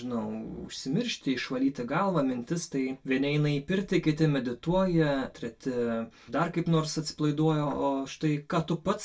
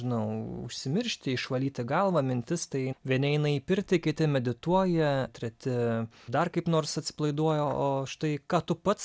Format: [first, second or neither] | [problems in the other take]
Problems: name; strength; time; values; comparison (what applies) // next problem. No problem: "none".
second | room echo; dies away in 0.1 s